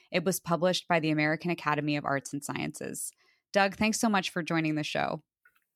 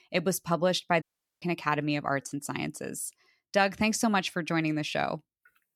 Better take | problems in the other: first | audio cutting out; at 1 s

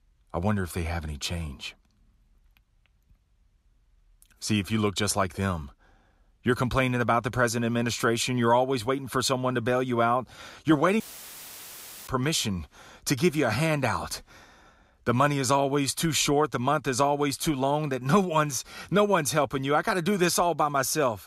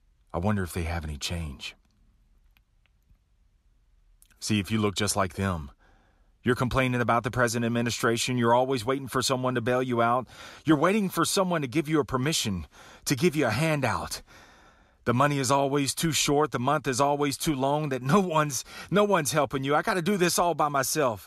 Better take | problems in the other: second | audio cutting out; filled with static; at 11 s for 1 s

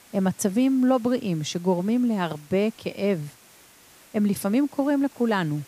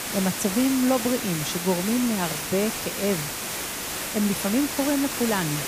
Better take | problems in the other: first | hiss; loud; throughout; 3 dB below the speech; faint in the first

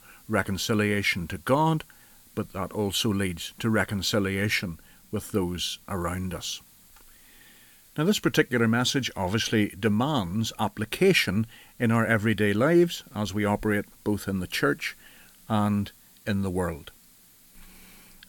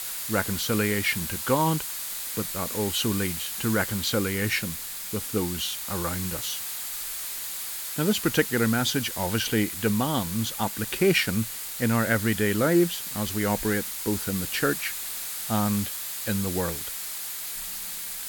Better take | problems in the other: first | hiss; loud; throughout; 4 dB below the speech; faint in the first

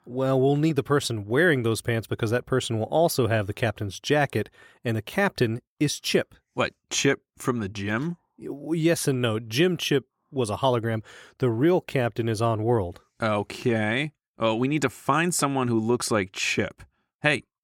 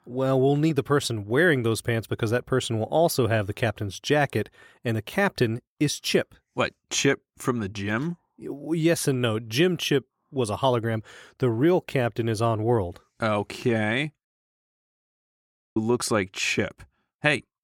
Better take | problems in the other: first | audio cutting out; at 14 s for 1.5 s

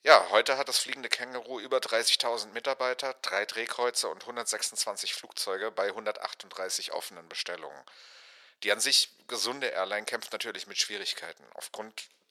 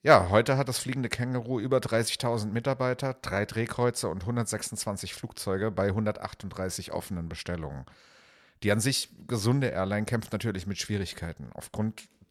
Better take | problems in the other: second | thin; very; fading below 500 Hz

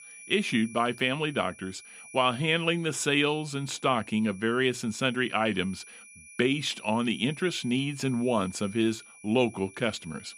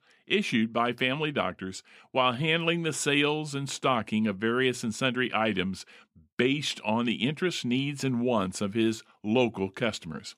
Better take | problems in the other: second | high-pitched whine; noticeable; throughout; 2.5 kHz, 20 dB below the speech

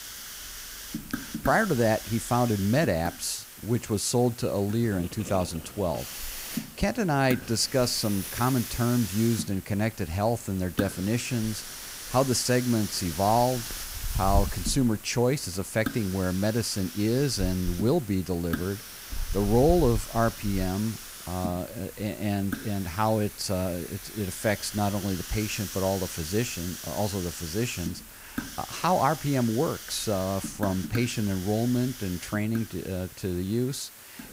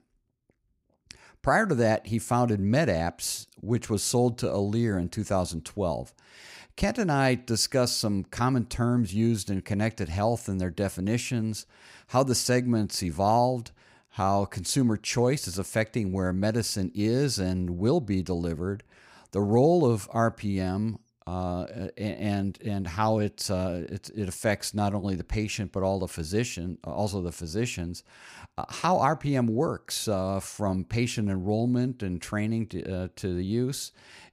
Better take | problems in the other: second | hiss; loud; throughout; 9 dB below the speech

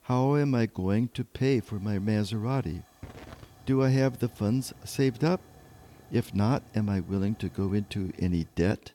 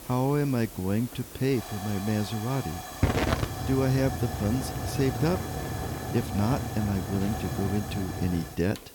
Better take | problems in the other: first | hiss; loud; throughout; 4 dB below the speech; faint in the first

